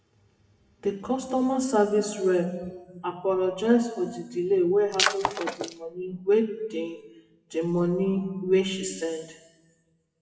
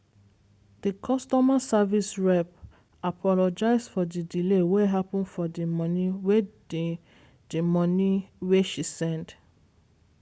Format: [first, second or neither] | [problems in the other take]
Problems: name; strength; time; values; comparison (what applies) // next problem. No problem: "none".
second | noise reduction (classical method WPE with log-MMSE)